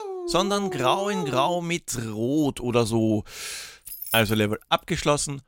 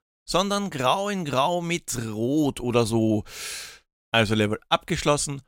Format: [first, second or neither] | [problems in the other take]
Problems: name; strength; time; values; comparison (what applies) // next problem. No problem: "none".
second | dog barking; noticeable; until 1.5 s; peak 7 dB below the speech // jangling keys; noticeable; at 4 s; peak 5 dB below the speech